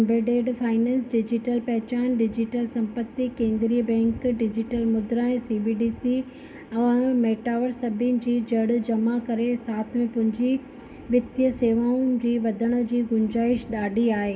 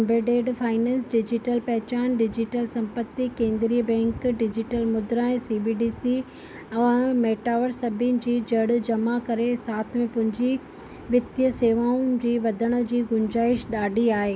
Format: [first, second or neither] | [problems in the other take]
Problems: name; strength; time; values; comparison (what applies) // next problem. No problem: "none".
second | room echo; dies away in 1.6 s